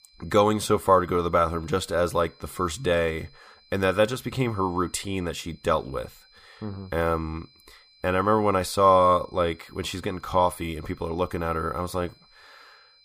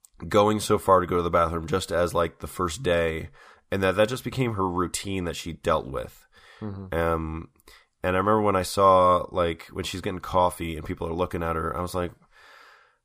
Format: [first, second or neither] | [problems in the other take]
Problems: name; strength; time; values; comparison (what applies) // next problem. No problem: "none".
second | high-pitched whine; faint; throughout; 4 kHz, 30 dB below the speech